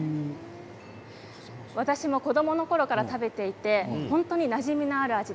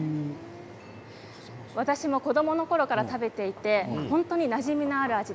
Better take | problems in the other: first | background sound (Knock / Wood); 19 dB below the speech

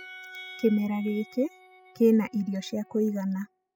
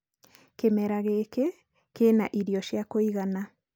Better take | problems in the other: second | noise reduction (classical method spectral subtraction)

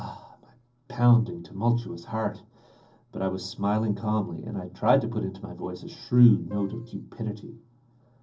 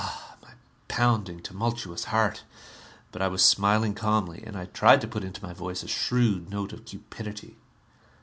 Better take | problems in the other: second | noise reduction (neural separator model SepFormer DNS4)

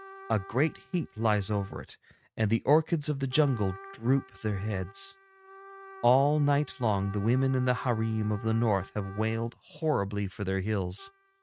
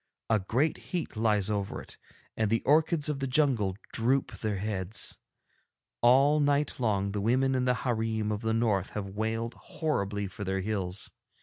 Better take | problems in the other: second | noise reduction (neural mask model RNNoise)

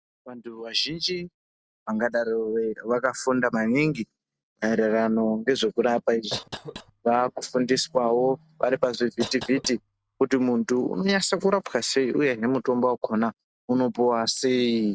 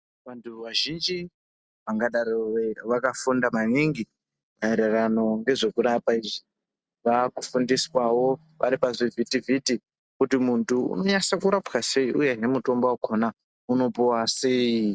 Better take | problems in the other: second | background sound (Cough); 16 dB below the speech

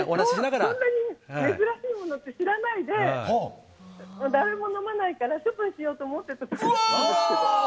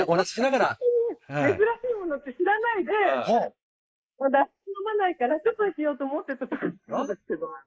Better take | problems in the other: first | noise reduction (neural mask model Resemble Enhance denoiser)

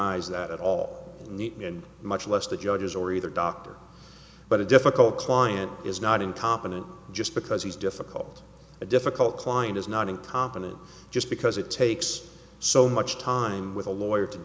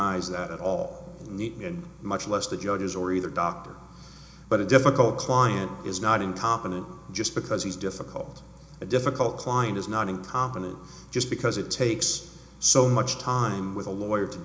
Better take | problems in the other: first | room echo; dies away in 0.4 s

